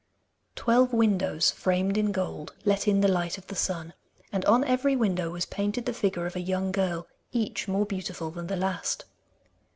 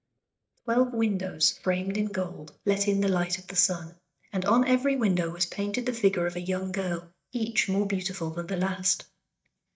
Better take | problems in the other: first | noise reduction (neural mask model DeepFilterNet 3)

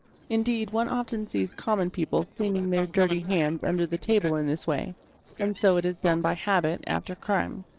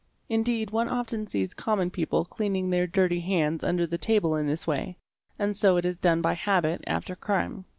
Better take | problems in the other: second | noise reduction (neural separator model SepFormer DNS4)

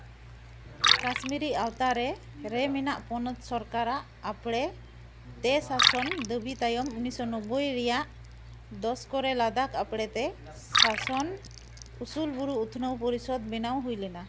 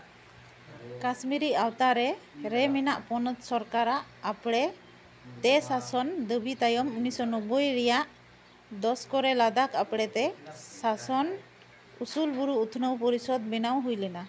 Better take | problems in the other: second | background sound (Liquid); 3 dB below the speech

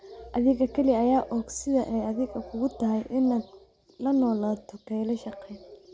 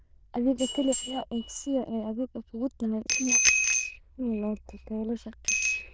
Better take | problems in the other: first | noise reduction (neural diffusion model UNIVERSE++)

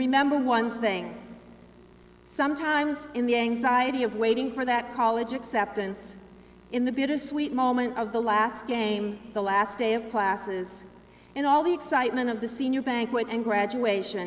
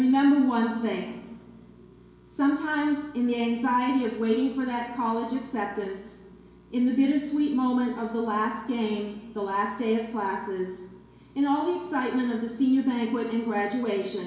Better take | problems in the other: first | room echo; dies away in 0.7 s

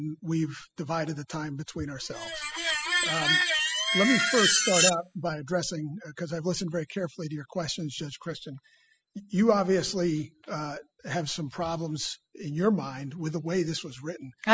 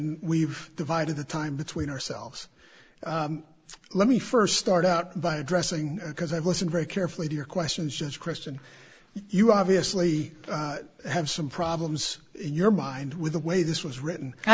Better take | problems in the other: second | noise reduction (classical method spectral subtraction)

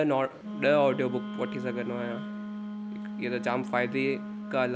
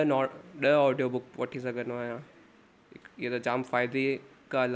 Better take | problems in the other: second | background sound (Wind instrument, woodwind instrument); 7 dB below the speech

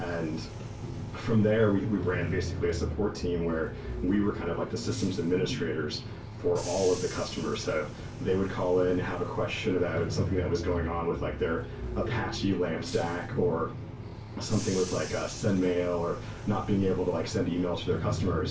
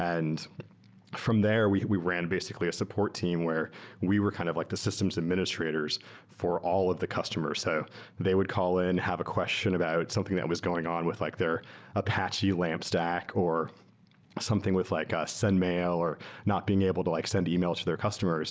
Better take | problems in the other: second | background sound (Bus / Engine); 7 dB below the speech // room echo; dies away in 0.2 s

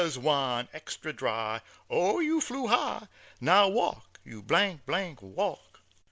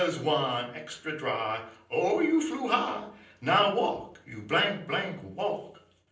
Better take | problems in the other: first | room echo; dies away in 0.6 s

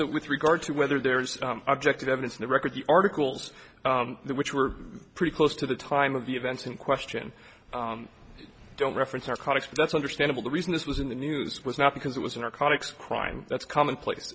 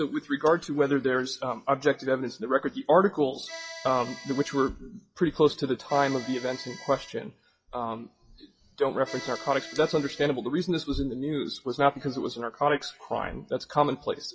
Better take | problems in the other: first | noise reduction (classical method WPE with log-MMSE)

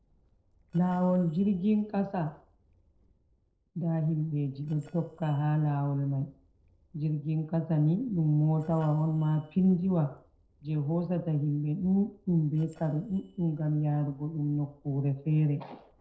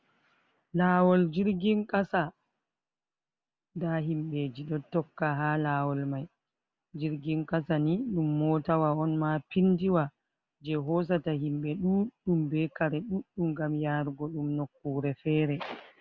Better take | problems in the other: second | noise reduction (neural separator model SepFormer DNS4)

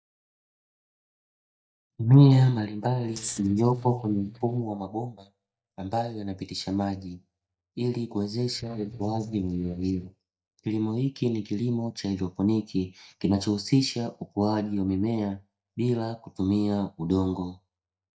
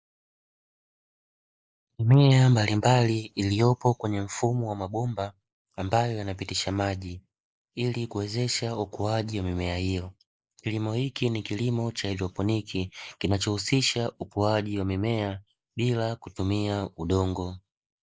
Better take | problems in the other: second | noise reduction (neural mask model DeepFilterNet 3)

